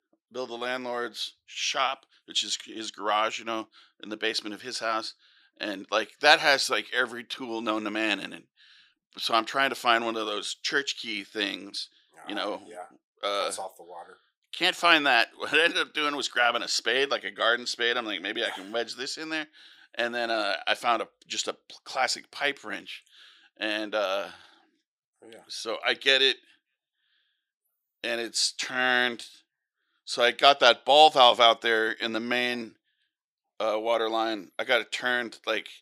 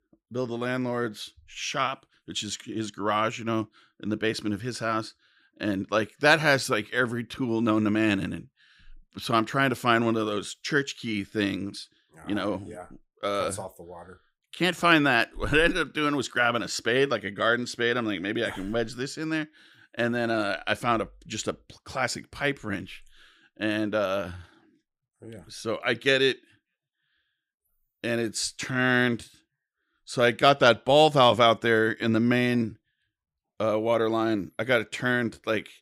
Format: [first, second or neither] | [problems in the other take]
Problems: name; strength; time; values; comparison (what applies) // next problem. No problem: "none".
second | thin; somewhat; fading below 400 Hz